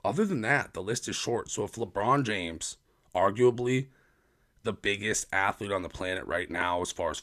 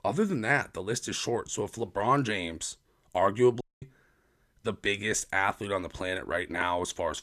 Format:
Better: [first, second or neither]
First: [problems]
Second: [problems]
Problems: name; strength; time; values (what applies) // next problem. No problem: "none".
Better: first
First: none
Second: audio cutting out; at 3.5 s